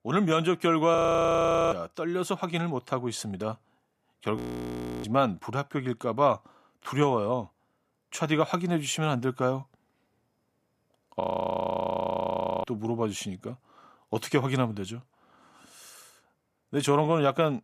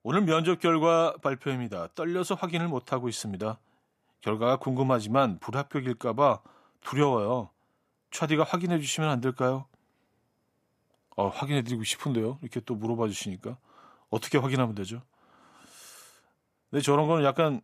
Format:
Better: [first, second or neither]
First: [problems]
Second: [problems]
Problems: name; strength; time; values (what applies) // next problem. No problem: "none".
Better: second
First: audio freezing; at 1 s for 1 s, at 4.5 s for 0.5 s and at 11 s for 1.5 s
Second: none